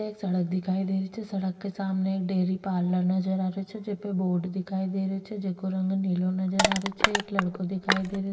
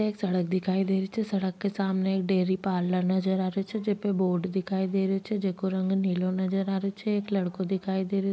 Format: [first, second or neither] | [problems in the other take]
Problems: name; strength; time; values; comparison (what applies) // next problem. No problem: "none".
second | background sound (Crushing); as loud as the speech // room echo; dies away in 2.1 s